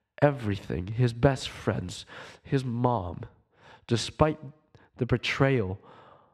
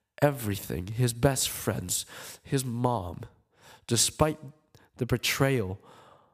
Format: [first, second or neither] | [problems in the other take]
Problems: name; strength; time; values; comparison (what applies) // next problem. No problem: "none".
second | muffled; slightly; fading above 3 kHz